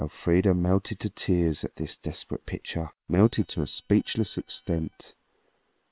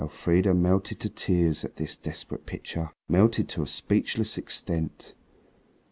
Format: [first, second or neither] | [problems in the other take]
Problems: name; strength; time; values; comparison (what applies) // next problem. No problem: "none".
second | noise reduction (neural separator model SepFormer WHAM!)